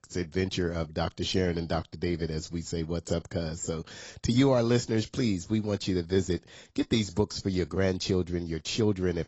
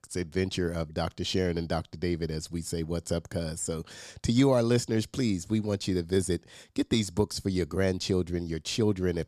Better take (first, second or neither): second